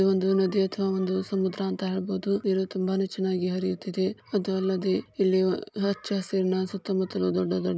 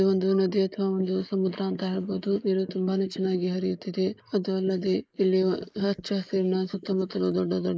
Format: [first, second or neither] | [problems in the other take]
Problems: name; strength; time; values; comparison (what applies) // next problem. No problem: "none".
first | noise reduction (neural mask model Resemble Enhance denoiser)